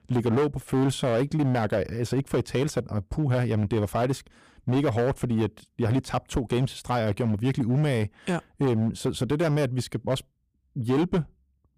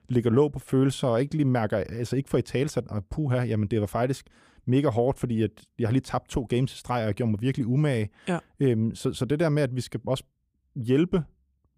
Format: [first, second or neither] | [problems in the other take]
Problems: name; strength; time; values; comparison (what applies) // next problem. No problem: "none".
second | distortion; slight; 11% of the sound clipped